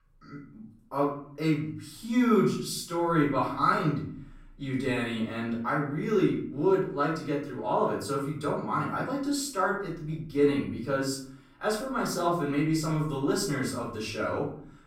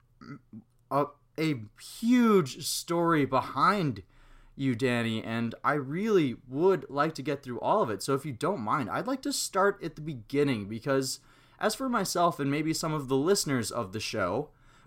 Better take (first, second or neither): second